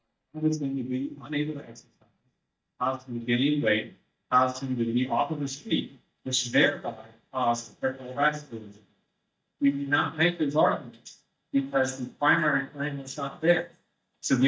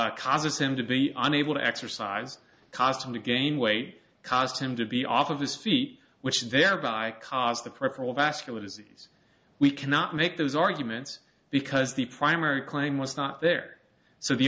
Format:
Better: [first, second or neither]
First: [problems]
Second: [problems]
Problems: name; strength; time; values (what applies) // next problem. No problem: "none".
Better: second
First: noise reduction (neural mask model DeepFilterNet 3)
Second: none